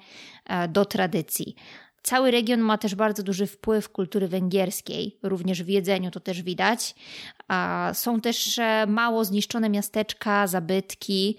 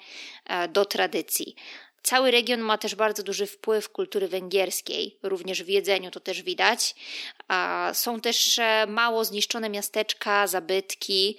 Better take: first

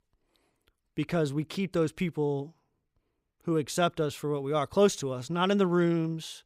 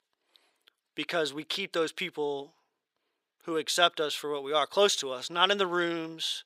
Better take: first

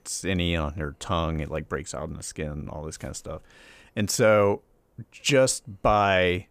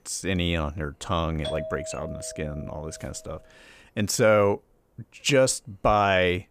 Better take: first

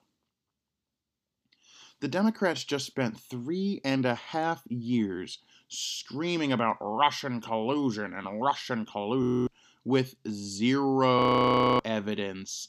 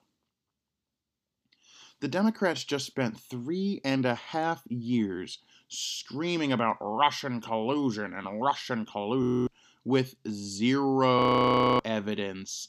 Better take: neither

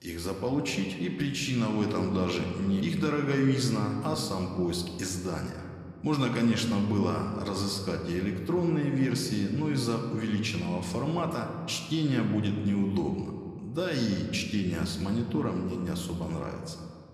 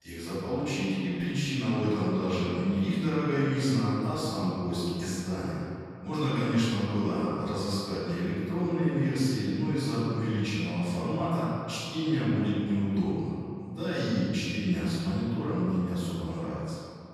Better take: first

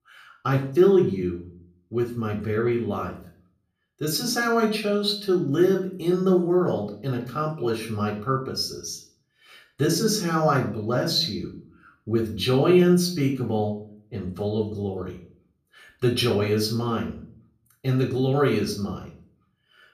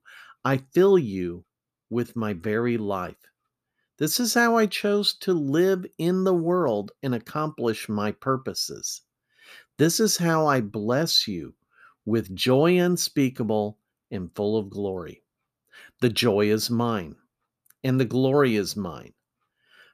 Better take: second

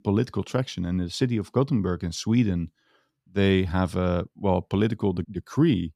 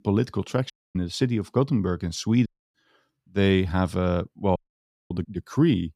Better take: first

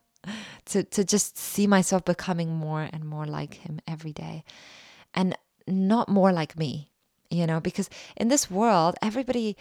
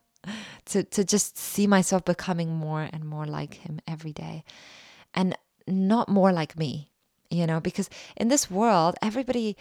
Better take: neither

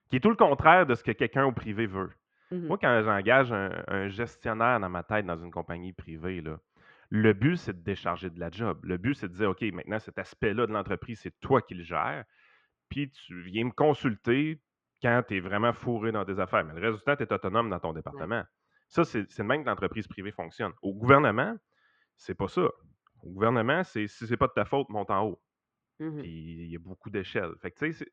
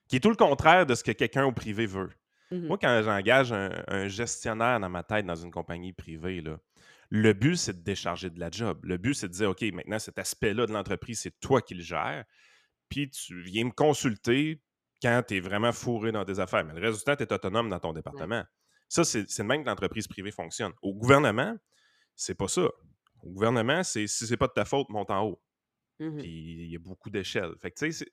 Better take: second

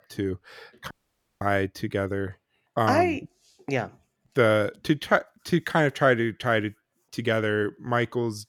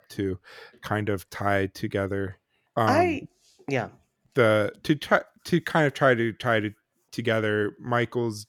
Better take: second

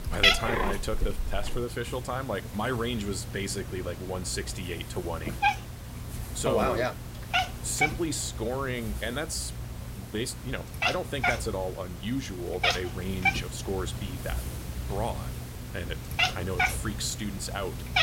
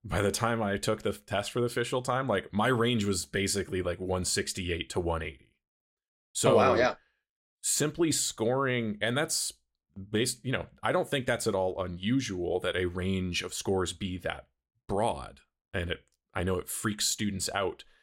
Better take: second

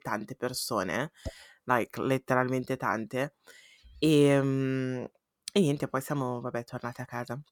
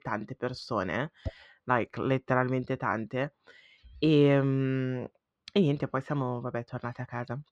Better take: first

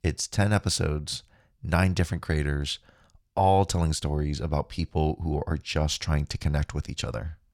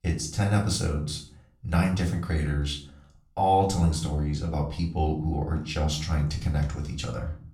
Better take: first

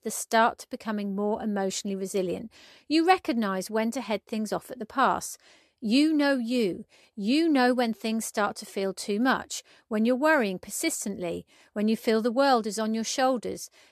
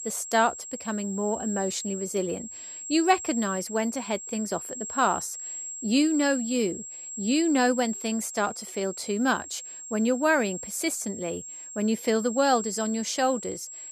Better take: first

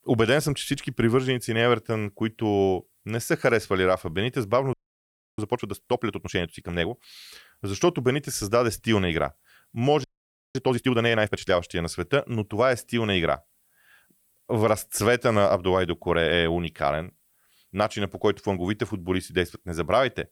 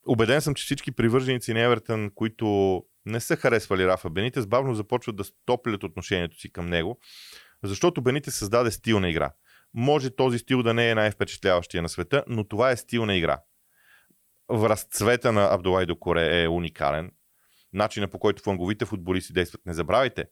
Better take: second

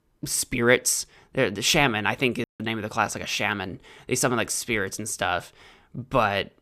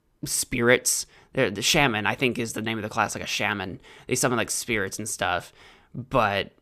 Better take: second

